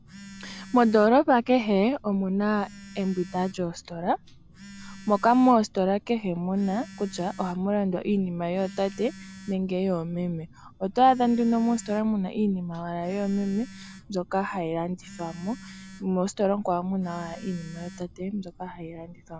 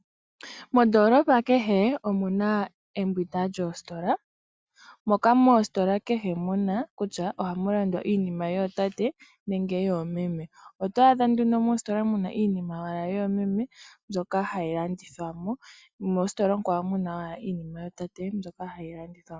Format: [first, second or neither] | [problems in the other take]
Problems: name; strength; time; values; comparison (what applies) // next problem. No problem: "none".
second | background sound (Telephone); 20 dB below the speech